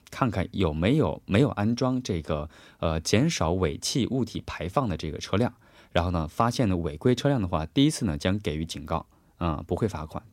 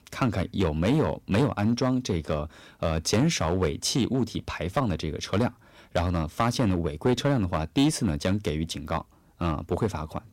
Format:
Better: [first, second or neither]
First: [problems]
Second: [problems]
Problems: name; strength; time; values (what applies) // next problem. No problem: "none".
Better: first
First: none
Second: distortion; slight; 4% of the sound clipped